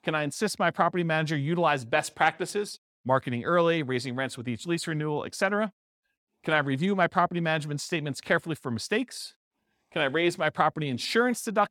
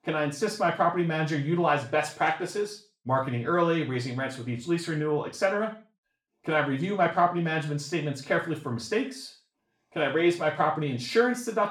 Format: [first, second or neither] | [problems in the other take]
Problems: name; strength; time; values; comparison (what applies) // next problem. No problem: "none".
first | room echo; slight; dies away in 0.4 s // off-mic speech; far